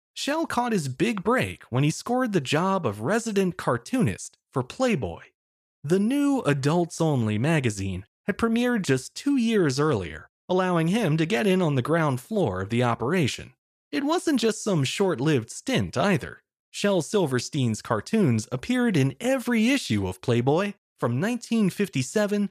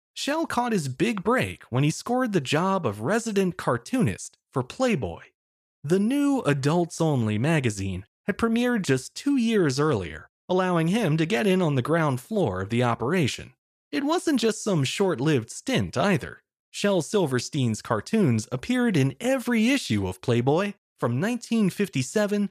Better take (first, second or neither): neither